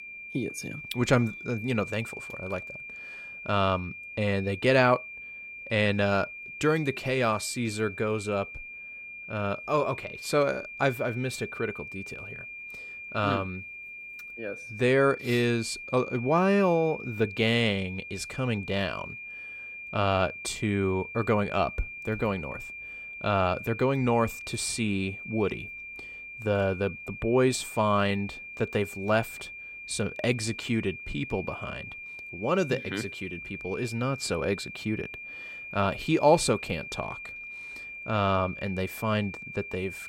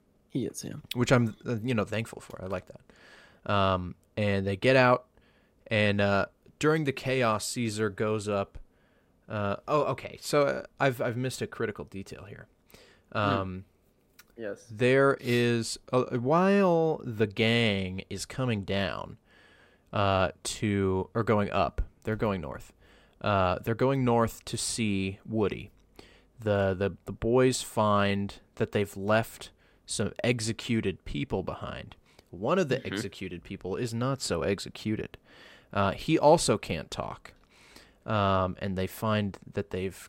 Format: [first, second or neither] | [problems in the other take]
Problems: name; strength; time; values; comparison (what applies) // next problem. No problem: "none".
second | high-pitched whine; noticeable; throughout; 2.5 kHz, 10 dB below the speech